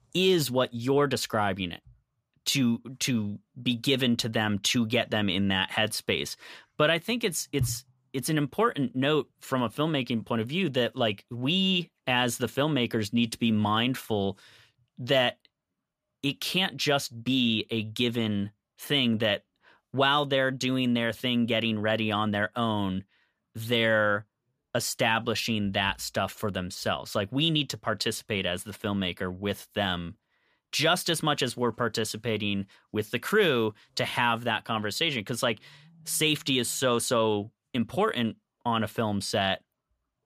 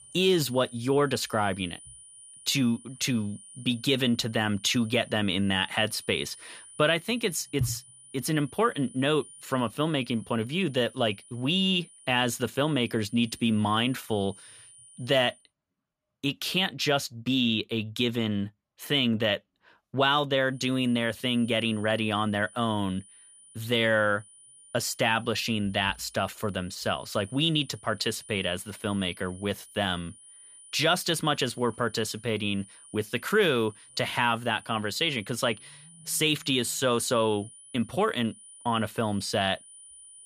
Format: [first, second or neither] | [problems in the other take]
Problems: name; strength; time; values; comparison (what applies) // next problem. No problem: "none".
first | high-pitched whine; faint; until 15 s and from 21 s on; 9.5 kHz, 20 dB below the speech